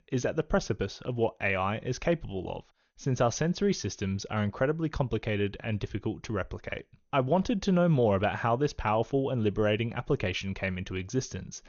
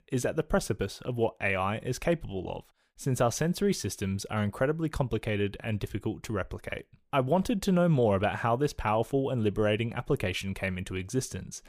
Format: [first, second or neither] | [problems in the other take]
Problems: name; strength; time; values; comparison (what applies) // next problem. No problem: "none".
second | garbled, watery; slightly; nothing above 6.5 kHz